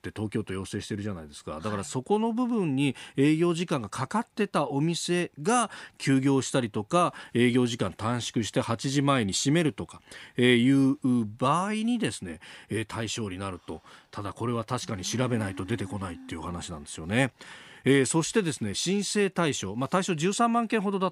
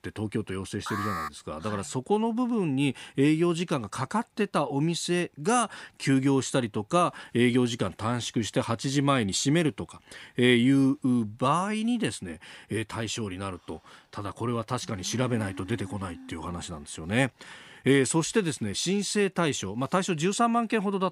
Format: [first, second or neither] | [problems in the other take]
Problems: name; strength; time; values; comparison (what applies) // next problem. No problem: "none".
first | alarm; noticeable; at 1 s; peak 5 dB below the speech